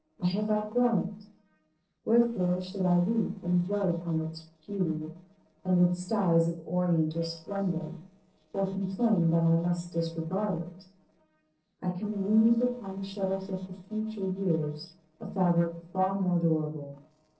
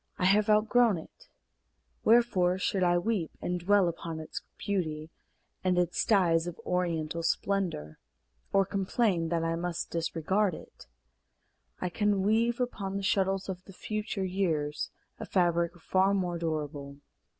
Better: second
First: noise reduction (neural separator model SepFormer DNS4)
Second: none

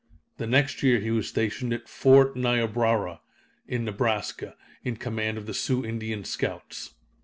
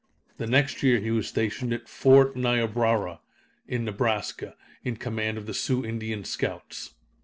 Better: first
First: none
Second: noise reduction (neural separator model SepFormer DNS4)

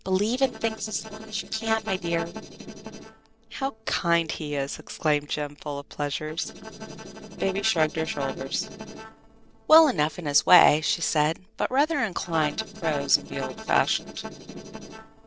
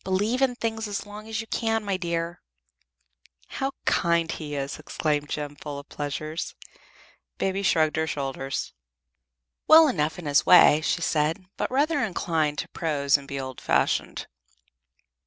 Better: second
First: noise reduction (neural separator model SepFormer DNS4)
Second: none

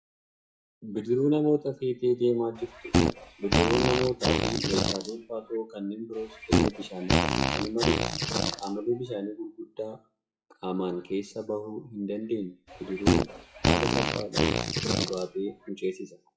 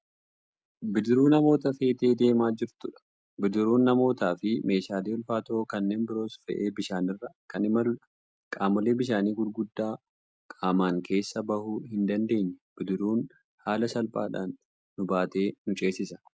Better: second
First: noise reduction (classical method WPE with log-MMSE)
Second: none

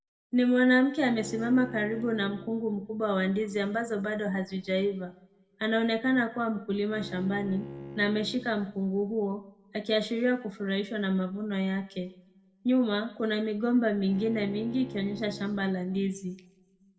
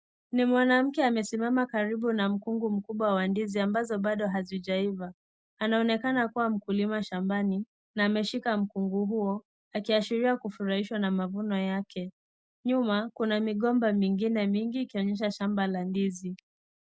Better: second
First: background sound (Bowed string instrument); 15 dB below the speech // room echo; dies away in 0.6 s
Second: none

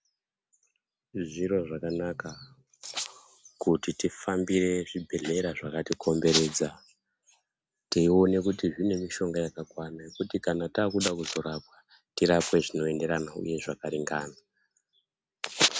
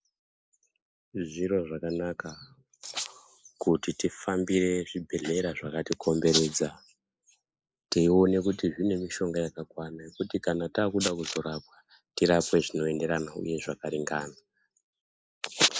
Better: first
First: none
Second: noise reduction (neural mask model Resemble Enhance denoiser)

